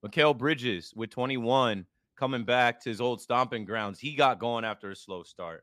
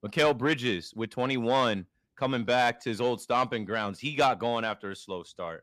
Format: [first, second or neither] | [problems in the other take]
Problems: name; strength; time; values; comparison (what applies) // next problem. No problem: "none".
first | distortion; slight; 10 dB below the speech